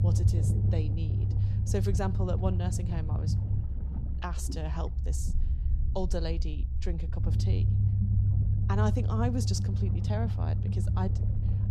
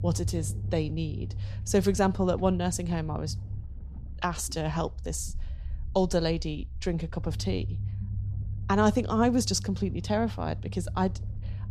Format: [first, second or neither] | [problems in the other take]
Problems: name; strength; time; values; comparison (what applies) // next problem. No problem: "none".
second | low rumble; loud; throughout; 5 dB below the speech; faint in the second